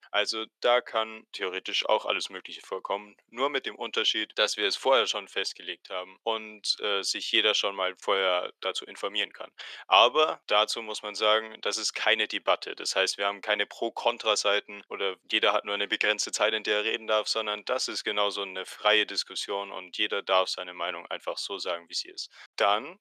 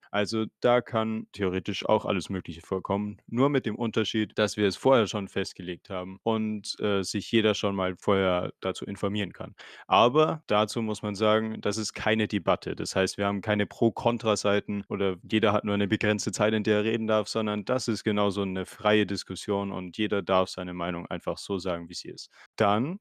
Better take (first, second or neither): second